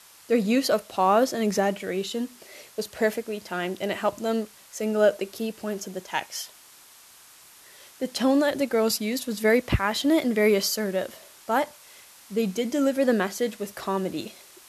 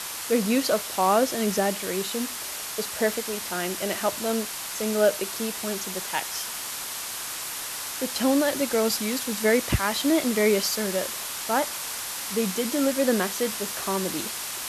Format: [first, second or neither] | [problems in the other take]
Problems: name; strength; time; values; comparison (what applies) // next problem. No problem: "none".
first | hiss; loud; throughout; 4 dB below the speech; faint in the first